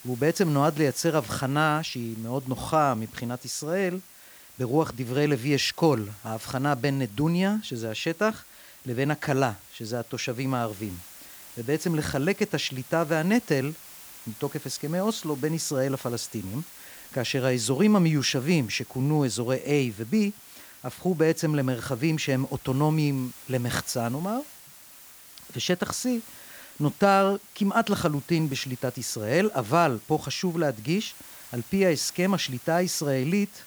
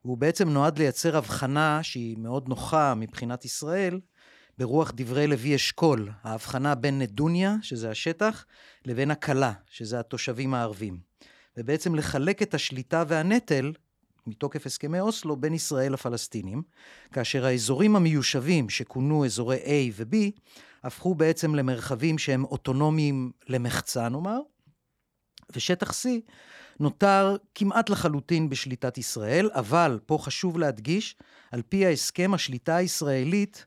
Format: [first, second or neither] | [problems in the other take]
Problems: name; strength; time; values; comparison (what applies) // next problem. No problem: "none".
second | hiss; noticeable; throughout; 20 dB below the speech